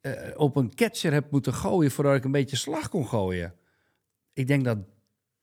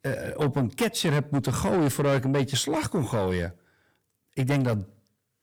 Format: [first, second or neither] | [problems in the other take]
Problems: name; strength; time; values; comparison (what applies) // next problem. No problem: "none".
first | distortion; heavy; 7 dB below the speech